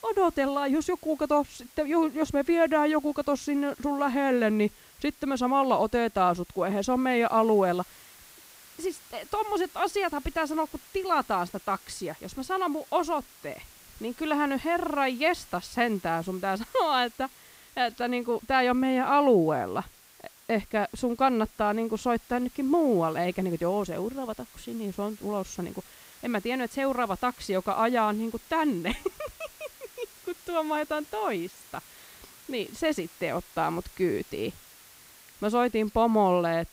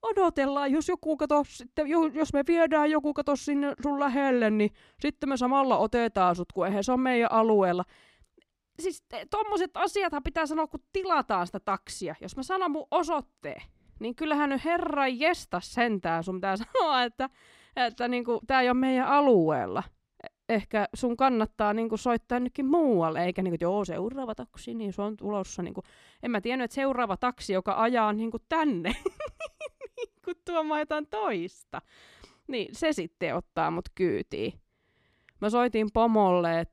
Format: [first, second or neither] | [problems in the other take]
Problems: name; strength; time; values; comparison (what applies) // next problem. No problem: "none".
second | hiss; faint; throughout; 25 dB below the speech